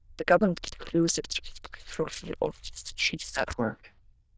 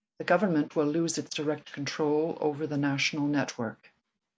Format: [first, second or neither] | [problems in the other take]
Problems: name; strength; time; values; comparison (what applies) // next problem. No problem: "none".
second | noise reduction (neural diffusion model UNIVERSE++)